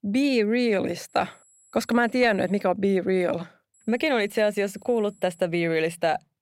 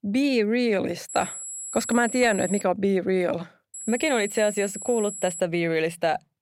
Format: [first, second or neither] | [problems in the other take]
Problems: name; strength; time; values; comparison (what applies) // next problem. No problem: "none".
first | high-pitched whine; loud; from 1 to 2.5 s and from 3.5 to 5.5 s; 7.5 kHz, 9 dB below the speech; faint in the first